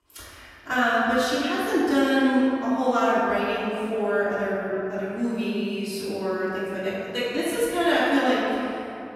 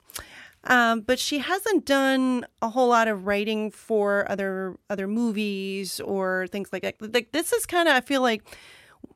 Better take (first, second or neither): second